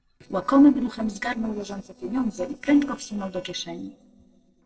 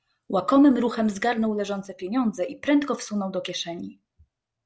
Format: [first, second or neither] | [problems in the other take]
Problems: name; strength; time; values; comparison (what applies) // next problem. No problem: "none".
second | noise reduction (neural separator model SepFormer DNS4)